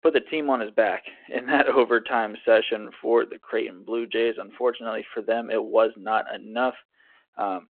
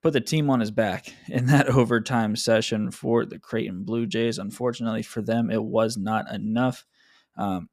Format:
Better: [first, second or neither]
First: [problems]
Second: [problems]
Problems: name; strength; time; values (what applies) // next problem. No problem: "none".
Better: second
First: phone-call audio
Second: none